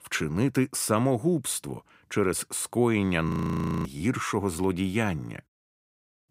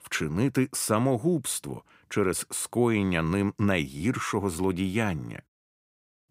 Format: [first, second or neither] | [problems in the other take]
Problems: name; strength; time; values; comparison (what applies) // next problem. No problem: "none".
second | audio freezing; at 3.5 s for 0.5 s